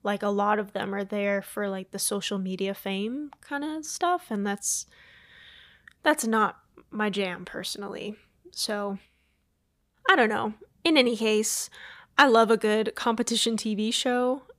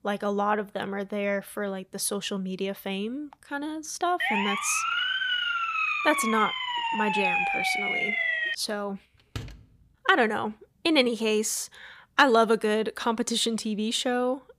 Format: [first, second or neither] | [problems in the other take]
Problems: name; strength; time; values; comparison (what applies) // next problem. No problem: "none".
first | siren; loud; from 4 to 8.5 s; peak 3 dB above the speech // door banging; faint; at 9.5 s; peak 15 dB below the speech